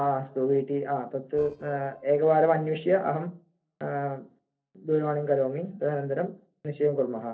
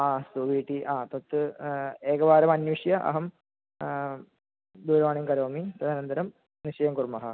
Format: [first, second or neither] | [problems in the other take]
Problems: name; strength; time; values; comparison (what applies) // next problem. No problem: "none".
second | noise reduction (neural separator model SepFormer DNS4)